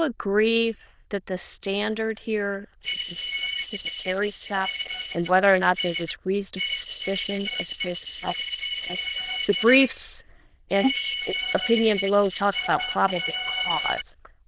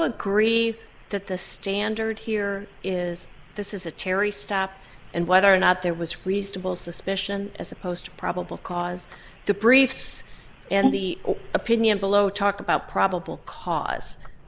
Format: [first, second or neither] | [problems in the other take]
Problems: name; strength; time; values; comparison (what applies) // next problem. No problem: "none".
second | noise reduction (neural diffusion model UNIVERSE++)